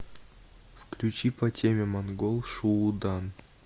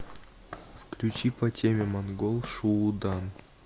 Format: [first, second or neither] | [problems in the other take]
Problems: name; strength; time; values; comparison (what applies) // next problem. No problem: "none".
first | background sound (Walk, footsteps / Siren); 18 dB below the speech